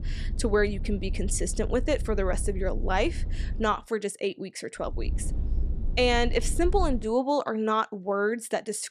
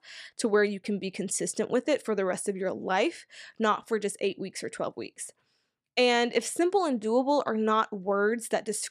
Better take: second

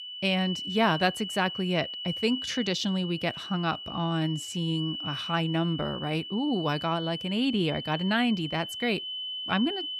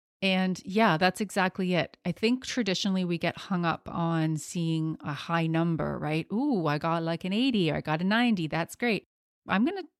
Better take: second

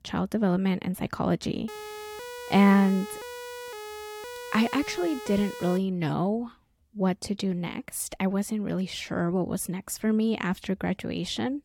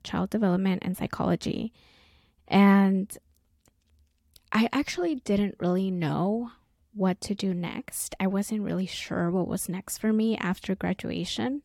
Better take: second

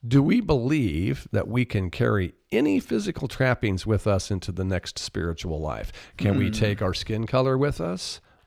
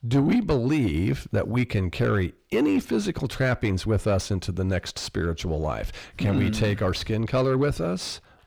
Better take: first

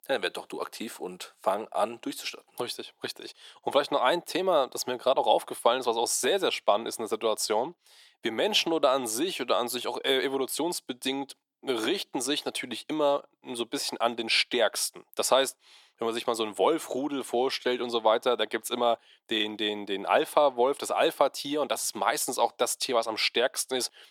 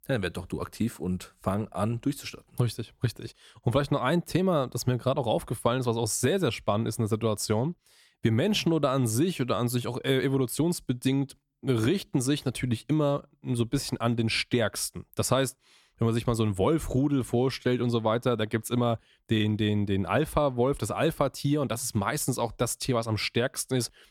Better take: second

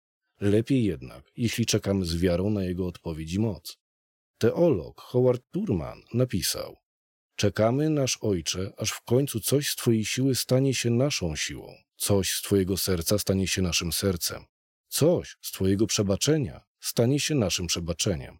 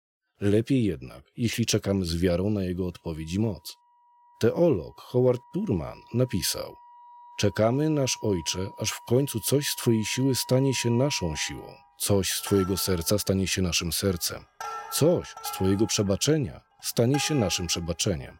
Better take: first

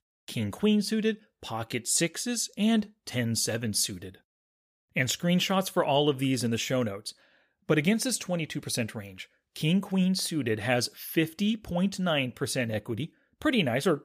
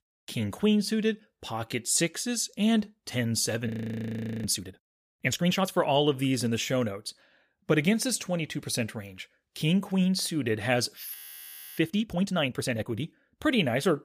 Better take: first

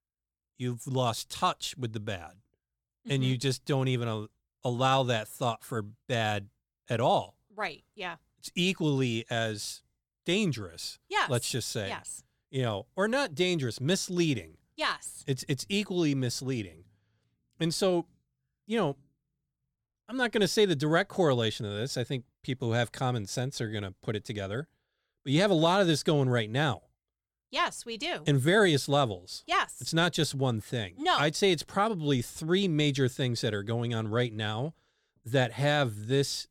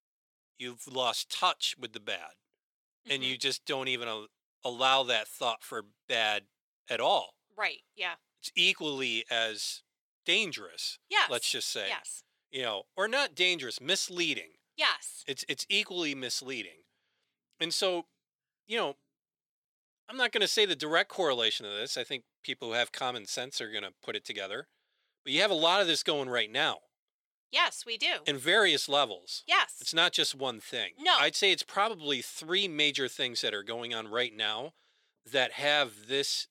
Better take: first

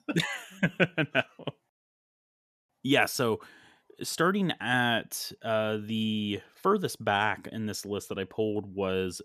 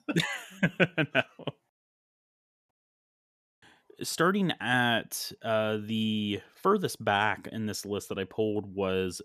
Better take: first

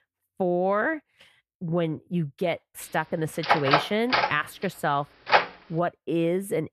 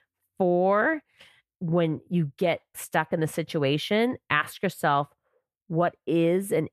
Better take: second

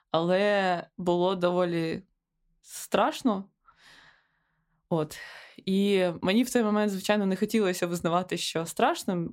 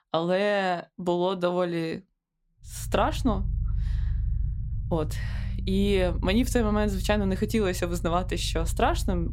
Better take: first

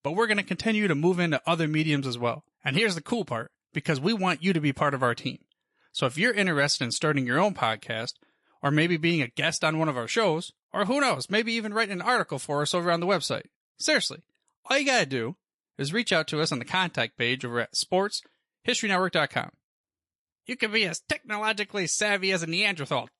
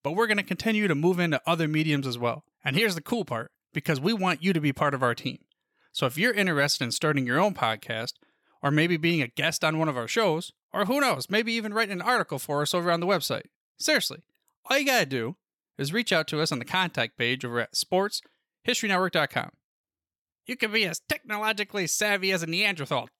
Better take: second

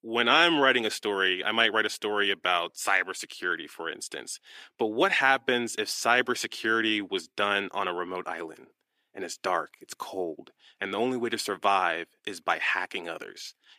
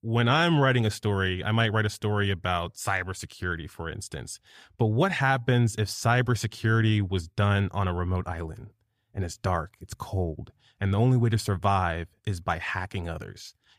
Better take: second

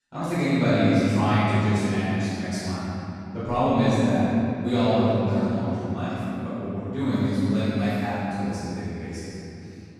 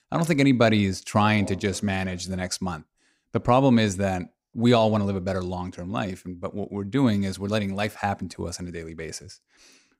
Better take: second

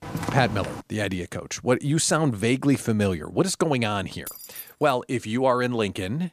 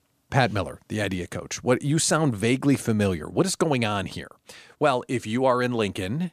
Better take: second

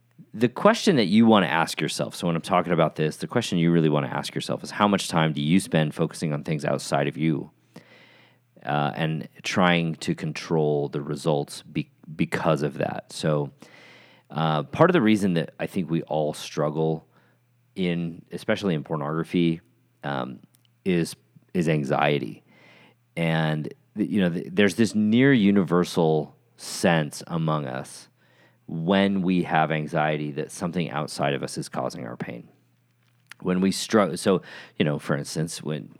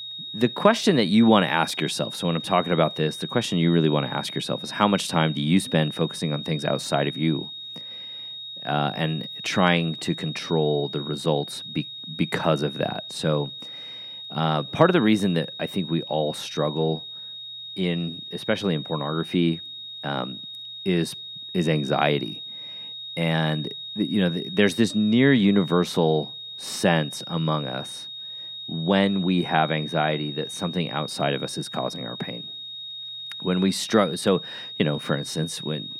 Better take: first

